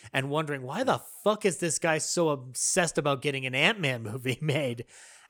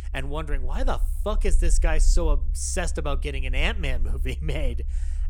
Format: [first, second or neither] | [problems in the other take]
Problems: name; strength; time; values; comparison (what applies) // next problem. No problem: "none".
first | low rumble; faint; throughout; 20 dB below the speech